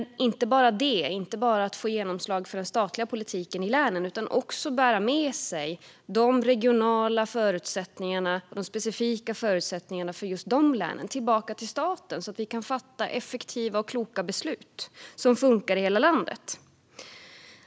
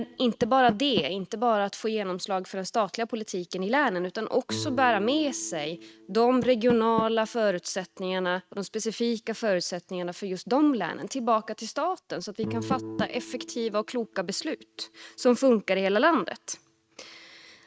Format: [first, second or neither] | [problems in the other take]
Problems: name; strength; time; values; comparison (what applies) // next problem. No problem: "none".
first | noise reduction (neural mask model RNNoise)